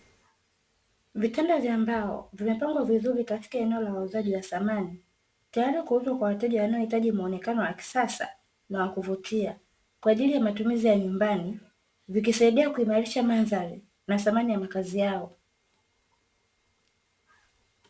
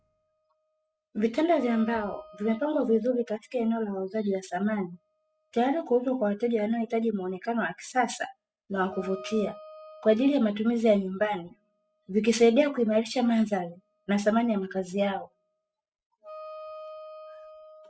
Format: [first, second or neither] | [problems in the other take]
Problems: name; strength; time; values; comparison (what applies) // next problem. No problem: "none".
first | noise reduction (classical method spectral subtraction)